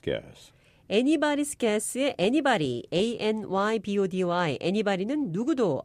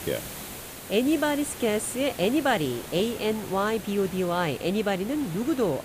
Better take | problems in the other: first | hiss; noticeable; throughout; 10 dB below the speech

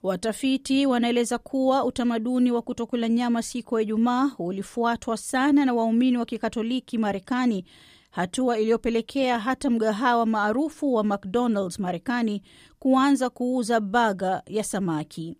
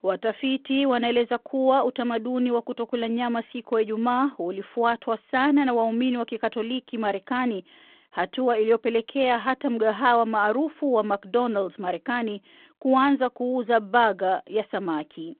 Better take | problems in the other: first | phone-call audio

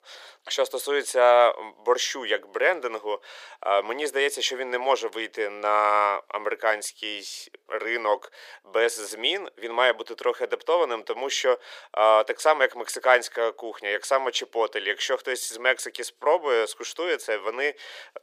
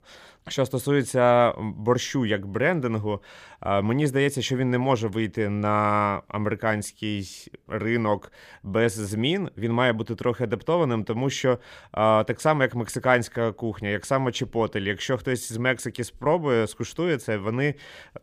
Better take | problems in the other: second | thin; very; fading below 450 Hz

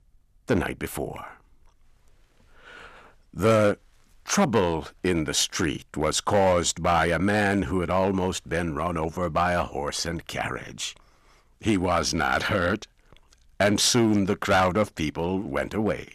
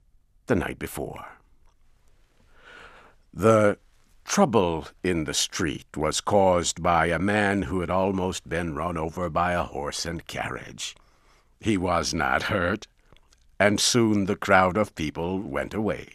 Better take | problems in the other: second | distortion; slight; 3% of the sound clipped

